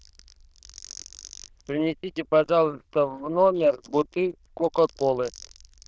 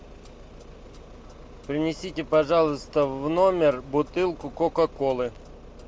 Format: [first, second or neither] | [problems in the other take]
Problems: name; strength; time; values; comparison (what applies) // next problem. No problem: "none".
second | noise reduction (neural diffusion model UNIVERSE++)